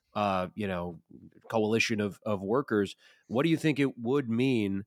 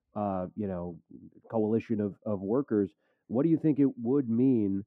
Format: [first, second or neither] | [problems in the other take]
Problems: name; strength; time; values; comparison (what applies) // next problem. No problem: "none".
first | muffled; very; fading above 2 kHz